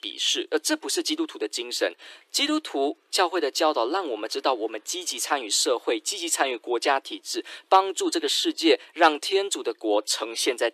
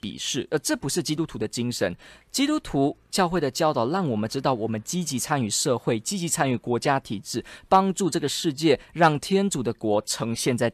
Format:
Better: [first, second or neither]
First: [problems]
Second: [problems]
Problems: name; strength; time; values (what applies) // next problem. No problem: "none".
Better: second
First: thin; very; fading below 300 Hz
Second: none